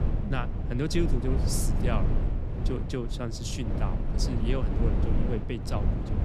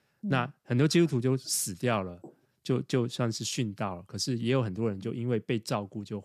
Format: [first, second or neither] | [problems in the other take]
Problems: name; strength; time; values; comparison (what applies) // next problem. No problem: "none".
second | low rumble; loud; throughout; 4 dB below the speech